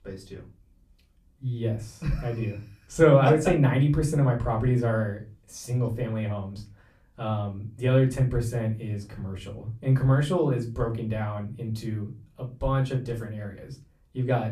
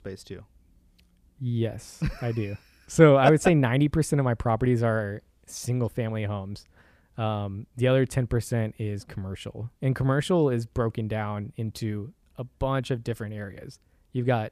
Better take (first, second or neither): second